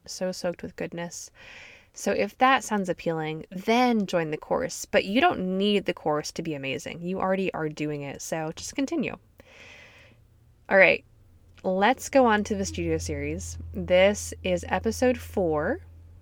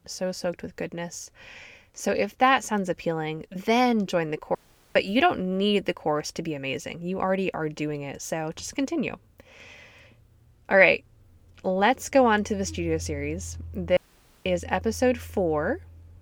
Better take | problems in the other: first | audio cutting out; at 4.5 s and at 14 s

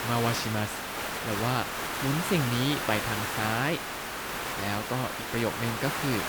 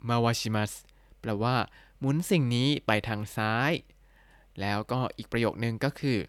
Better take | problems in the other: second | hiss; loud; throughout; 1 dB below the speech

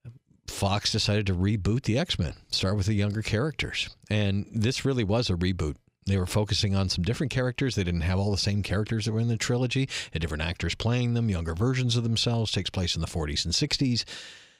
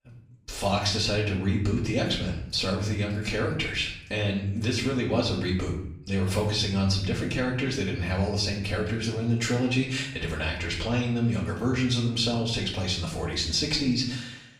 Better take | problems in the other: first | off-mic speech; far // room echo; noticeable; dies away in 0.6 s

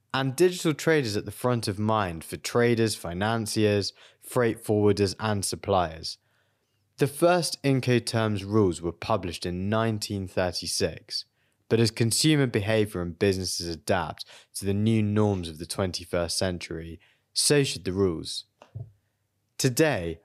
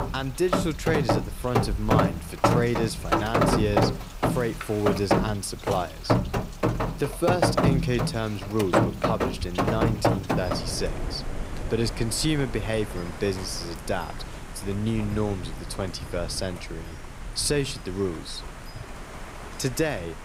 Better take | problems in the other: first | rain or running water; very loud; throughout; 1 dB above the speech

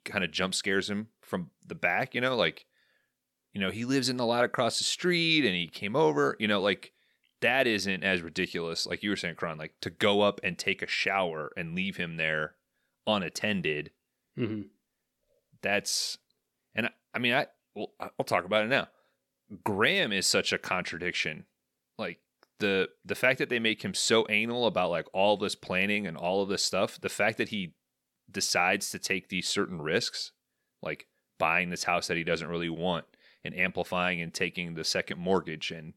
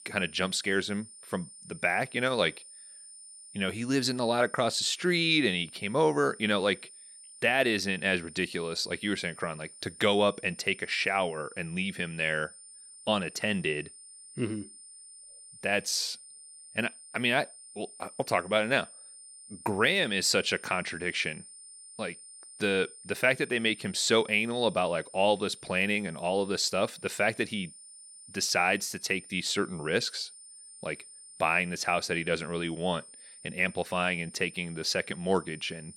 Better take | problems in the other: first | high-pitched whine; noticeable; throughout; 9 kHz, 20 dB below the speech

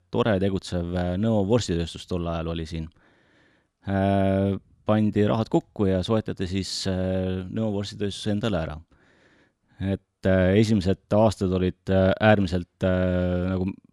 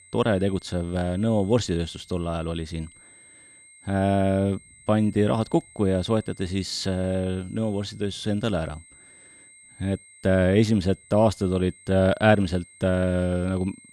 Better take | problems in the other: first | high-pitched whine; faint; throughout; 2 kHz, 25 dB below the speech

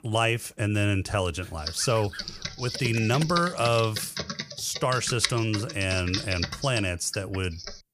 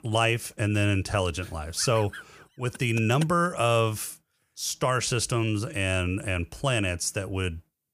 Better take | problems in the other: second | keyboard typing; noticeable; from 1.5 s on; peak 1 dB below the speech

